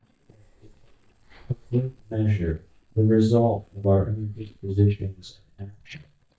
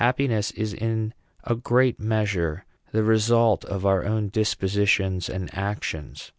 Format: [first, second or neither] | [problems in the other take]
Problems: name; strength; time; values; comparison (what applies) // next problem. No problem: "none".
second | noise reduction (neural mask model DeepFilterNet 3)